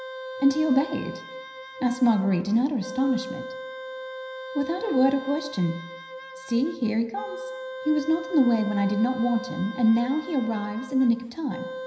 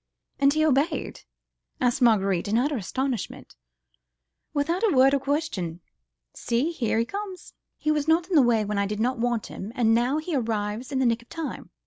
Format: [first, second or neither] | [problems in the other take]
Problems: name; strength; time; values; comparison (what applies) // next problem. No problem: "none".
second | background sound (Wind instrument, woodwind instrument); 12 dB below the speech // room echo; dies away in 0.9 s